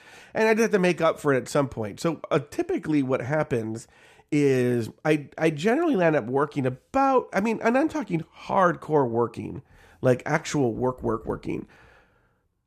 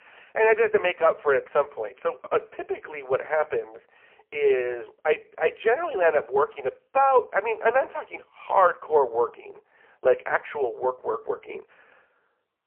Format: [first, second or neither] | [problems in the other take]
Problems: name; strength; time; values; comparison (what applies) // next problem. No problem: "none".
first | phone-call audio; poor line